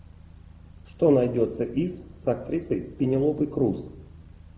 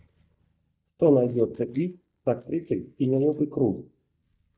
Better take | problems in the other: first | noise reduction (neural mask model DeepFilterNet 3)

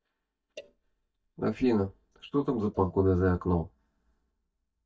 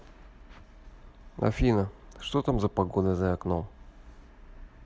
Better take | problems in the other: second | noise reduction (neural mask model DeepFilterNet 3)

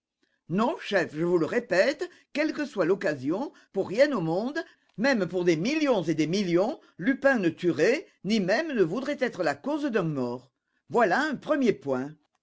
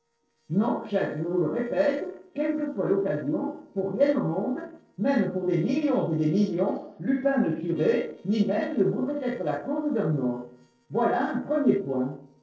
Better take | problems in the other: first | noise reduction (neural separator model SepFormer DNS4)

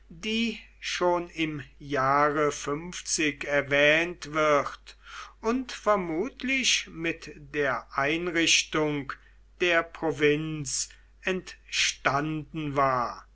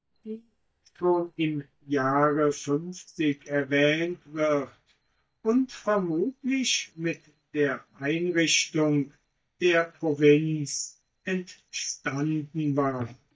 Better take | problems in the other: first | noise reduction (neural mask model DeepFilterNet 3)

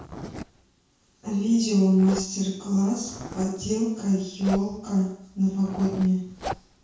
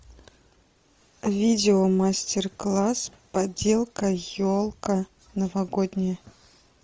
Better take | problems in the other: second | background sound (Zipper (clothing)); 15 dB below the speech // room echo; dies away in 0.6 s

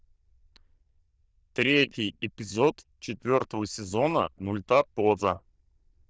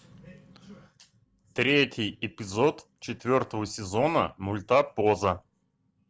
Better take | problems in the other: second | noise reduction (neural diffusion model UNIVERSE++)

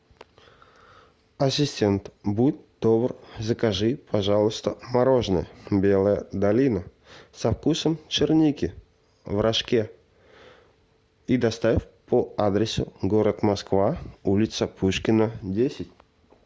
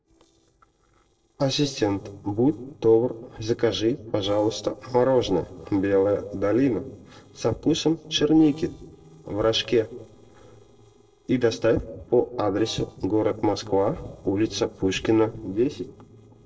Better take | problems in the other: first | noise reduction (neural separator model SepFormer DNS4)

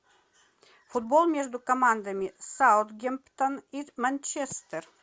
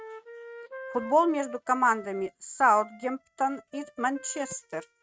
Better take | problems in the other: first | noise reduction (neural mask model RNNoise)

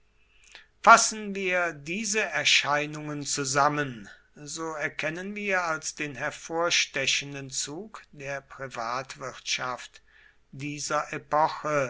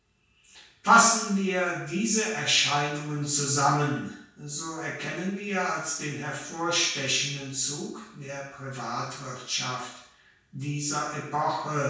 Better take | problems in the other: first | room echo; dies away in 0.6 s

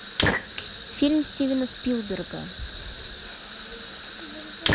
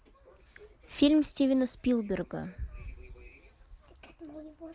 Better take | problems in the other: second | background sound (Fire); 2 dB below the speech

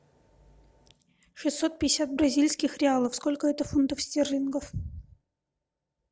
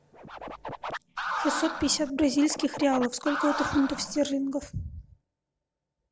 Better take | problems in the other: first | background sound (Scratching (performance technique)); 6 dB below the speech

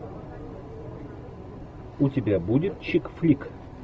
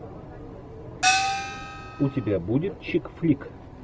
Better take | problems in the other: first | background sound (Gong); 2 dB above the speech

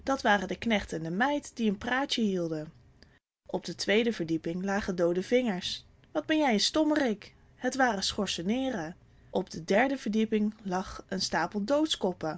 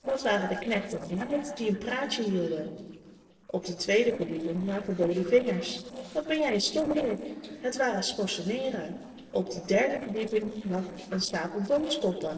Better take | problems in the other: first | noise reduction (neural separator model SepFormer DNS4)

